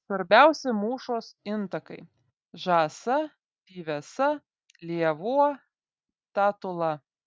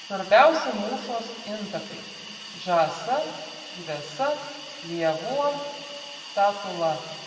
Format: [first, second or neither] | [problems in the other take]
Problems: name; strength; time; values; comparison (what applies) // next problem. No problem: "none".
first | background sound (Hiss); 14 dB below the speech // room echo; dies away in 1.8 s